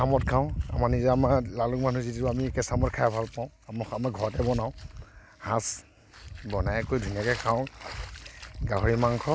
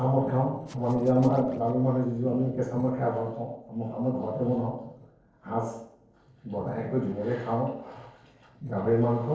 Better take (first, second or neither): first